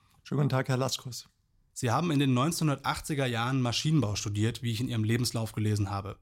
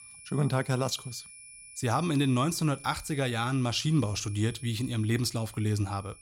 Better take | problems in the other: first | high-pitched whine; noticeable; throughout; 10 kHz, 20 dB below the speech

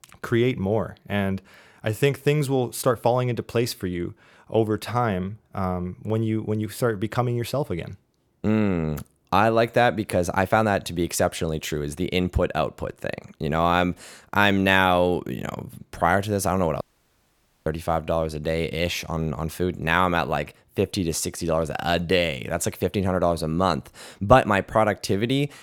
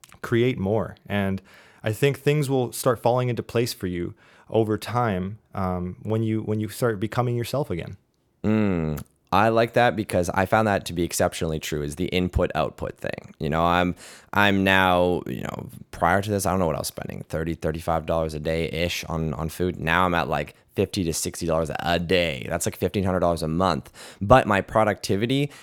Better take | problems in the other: second | audio cutting out; at 17 s for 1 s

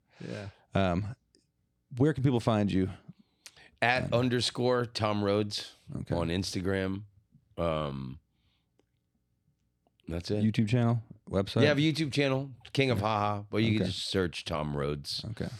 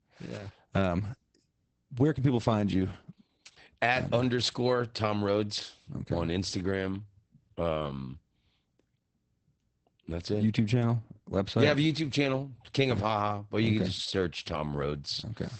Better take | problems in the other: first | garbled, watery; badly; nothing above 8 kHz

